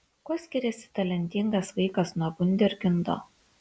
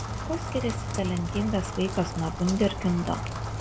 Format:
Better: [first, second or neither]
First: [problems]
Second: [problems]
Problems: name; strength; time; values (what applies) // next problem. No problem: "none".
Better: first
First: none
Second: background sound (Rain); 4 dB below the speech